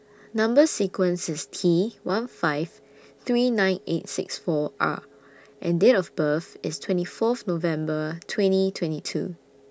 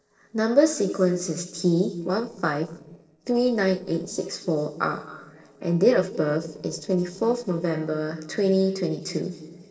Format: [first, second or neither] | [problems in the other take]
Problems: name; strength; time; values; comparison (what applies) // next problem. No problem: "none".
first | noise reduction (neural separator model SepFormer DNS4)